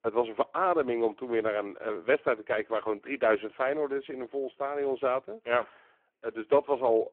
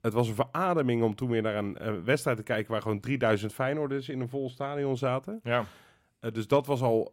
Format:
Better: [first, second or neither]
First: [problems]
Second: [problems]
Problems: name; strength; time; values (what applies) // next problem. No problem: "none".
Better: second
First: phone-call audio; poor line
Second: none